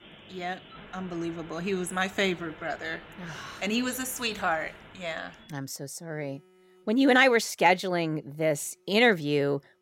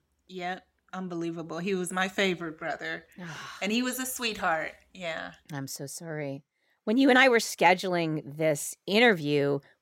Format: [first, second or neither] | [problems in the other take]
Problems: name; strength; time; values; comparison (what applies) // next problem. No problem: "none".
second | alarms or sirens; faint; throughout; 20 dB below the speech